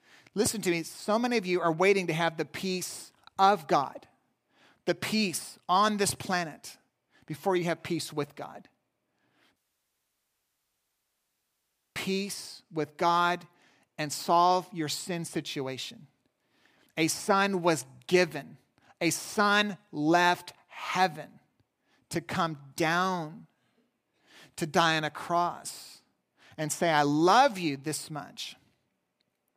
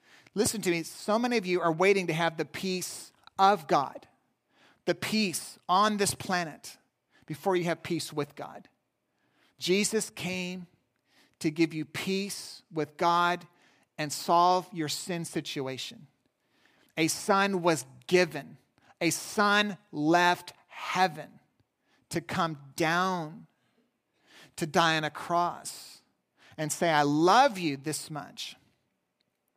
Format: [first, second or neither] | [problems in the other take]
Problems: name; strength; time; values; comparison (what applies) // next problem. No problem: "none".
second | audio cutting out; at 9.5 s for 2.5 s